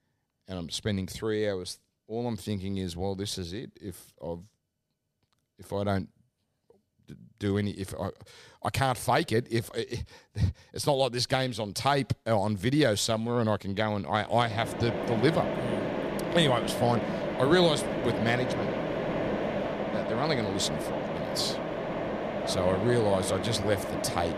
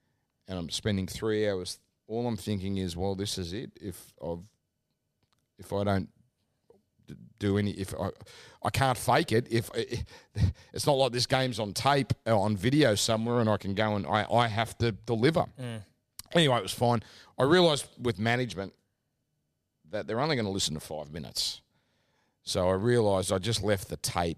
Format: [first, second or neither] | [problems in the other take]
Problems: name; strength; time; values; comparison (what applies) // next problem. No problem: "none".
second | machinery noise; loud; from 15 s on; 3 dB below the speech